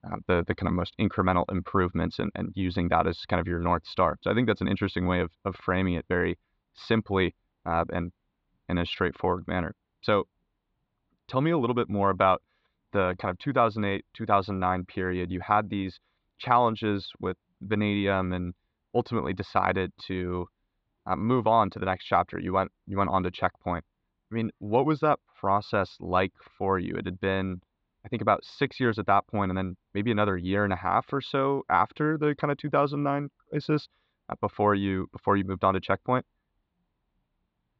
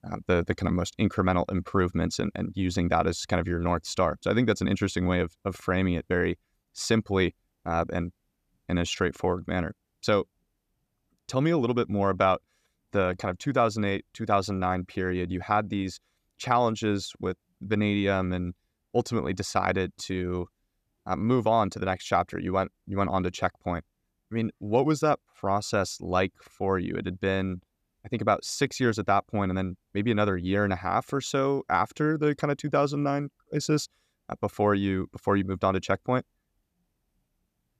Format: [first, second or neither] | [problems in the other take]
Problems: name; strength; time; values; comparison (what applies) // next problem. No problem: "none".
second | muffled; slightly; fading above 4 kHz